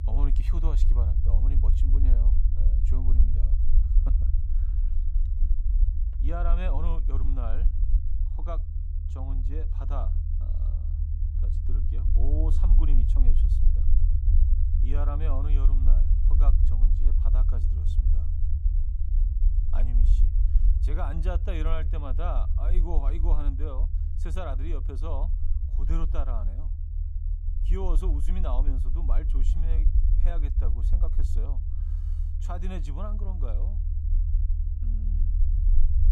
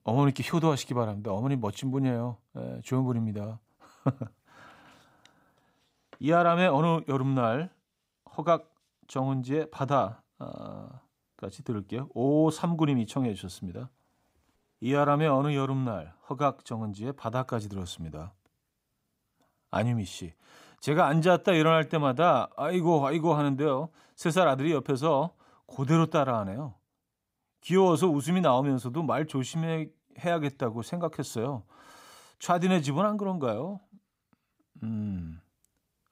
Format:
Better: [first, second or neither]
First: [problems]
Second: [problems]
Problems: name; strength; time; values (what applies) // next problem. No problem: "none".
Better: second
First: low rumble; loud; throughout; 6 dB below the speech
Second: none